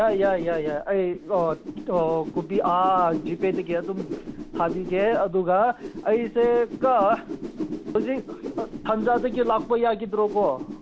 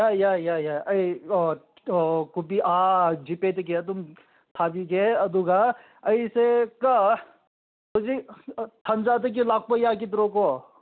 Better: second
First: background sound (Whoosh, swoosh, swish); 10 dB below the speech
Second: none

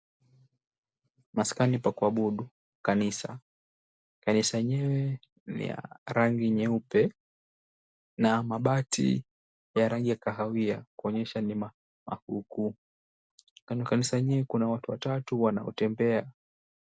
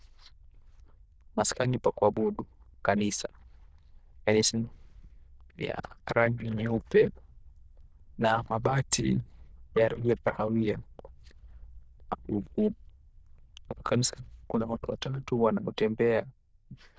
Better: first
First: none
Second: noise reduction (neural diffusion model UNIVERSE++)

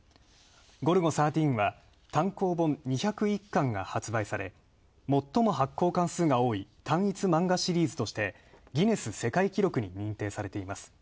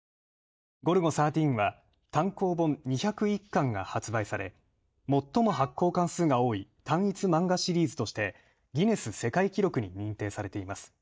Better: first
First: none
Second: noise reduction (neural mask model DeepFilterNet 3)

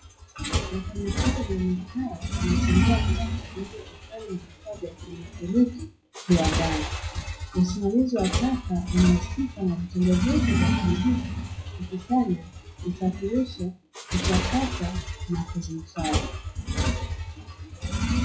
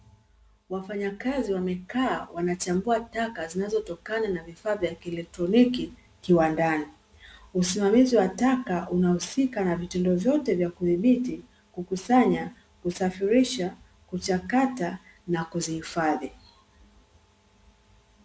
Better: second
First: noise reduction (classical method WPE with log-MMSE)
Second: none

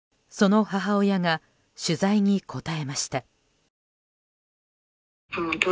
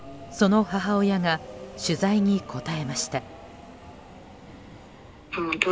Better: first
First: none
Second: background sound (Subway, metro, underground); 15 dB below the speech

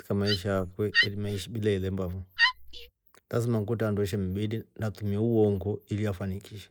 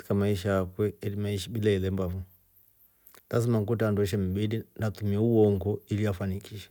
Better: second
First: noise reduction (neural mask model Resemble Enhance denoiser)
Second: none

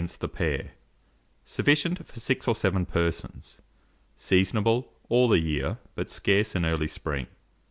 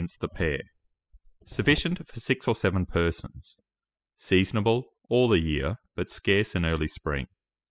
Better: first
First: none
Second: noise reduction (classical method spectral subtraction)

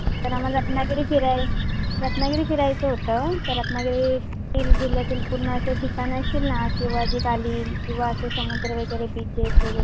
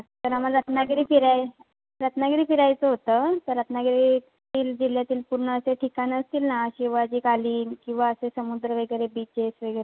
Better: second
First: background sound (Bird); 3 dB above the speech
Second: none

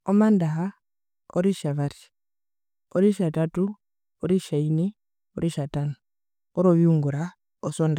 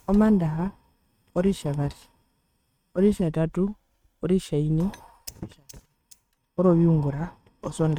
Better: first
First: none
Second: noise reduction (neural mask model RNNoise)

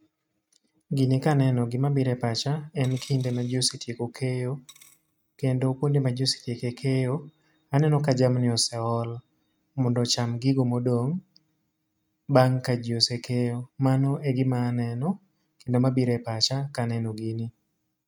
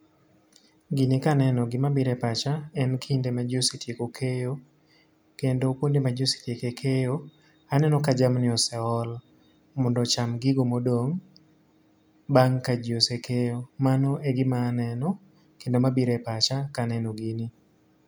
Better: second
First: noise reduction (neural mask model RNNoise)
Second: none

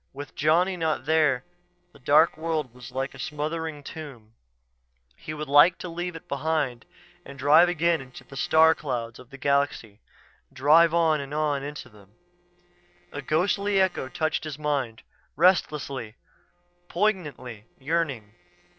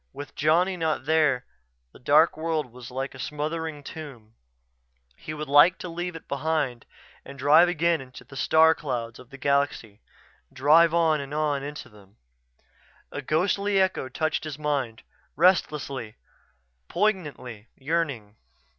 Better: second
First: noise reduction (neural separator model SepFormer DNS4)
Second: none

